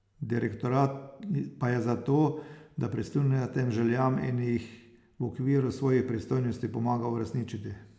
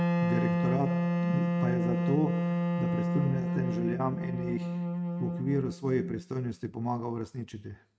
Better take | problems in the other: first | noise reduction (neural mask model RNNoise)

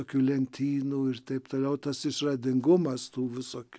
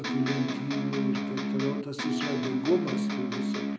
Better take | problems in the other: first | background sound (Electric guitar); 1 dB above the speech // room echo; dies away in 0.5 s

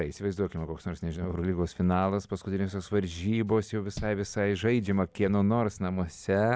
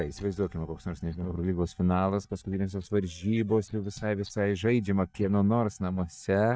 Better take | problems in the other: first | noise reduction (neural mask model DeepFilterNet 3)

